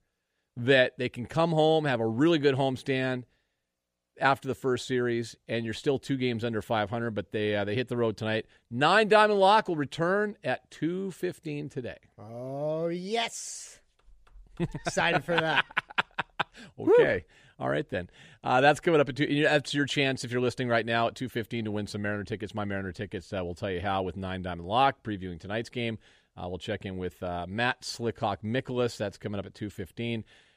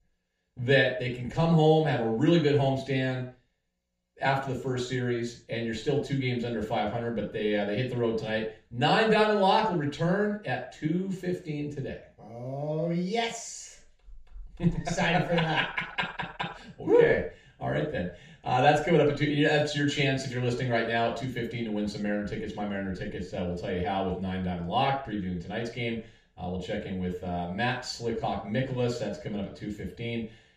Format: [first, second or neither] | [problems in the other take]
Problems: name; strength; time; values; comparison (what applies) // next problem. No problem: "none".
first | room echo; noticeable; dies away in 0.4 s // off-mic speech; far